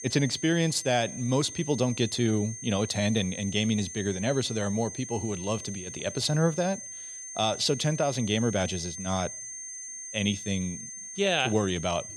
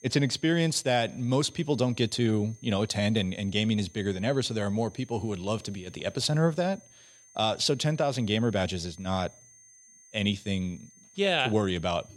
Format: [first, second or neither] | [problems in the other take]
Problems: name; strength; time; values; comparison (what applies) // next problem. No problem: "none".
second | high-pitched whine; loud; throughout; 6.5 kHz, 9 dB below the speech; faint in the second